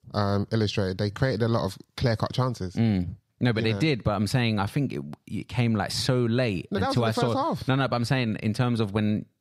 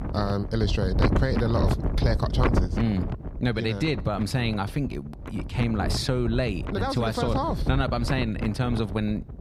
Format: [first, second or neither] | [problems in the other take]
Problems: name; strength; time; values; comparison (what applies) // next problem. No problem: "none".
first | wind noise on the microphone; heavy; 6 dB below the speech